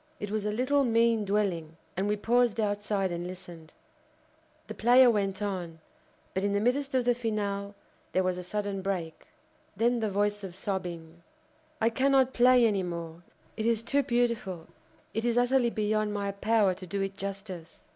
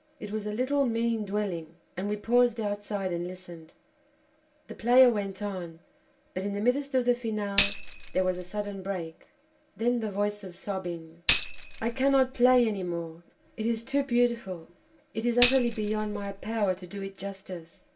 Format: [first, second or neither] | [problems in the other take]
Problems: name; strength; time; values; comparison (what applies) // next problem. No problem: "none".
first | background sound (Tambourine); 4 dB below the speech // room echo; dies away in 0.2 s